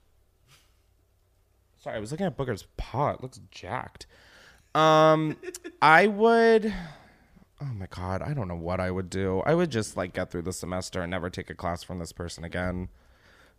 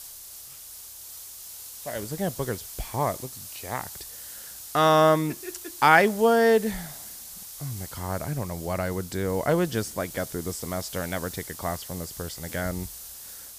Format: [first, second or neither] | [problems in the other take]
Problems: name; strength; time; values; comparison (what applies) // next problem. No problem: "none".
first | hiss; noticeable; throughout; 15 dB below the speech